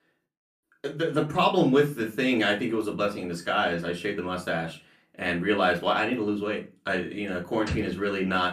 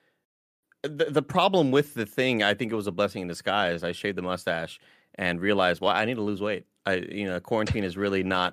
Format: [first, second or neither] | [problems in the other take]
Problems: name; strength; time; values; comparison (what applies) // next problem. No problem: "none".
second | off-mic speech; far // room echo; very slight; dies away in 0.2 s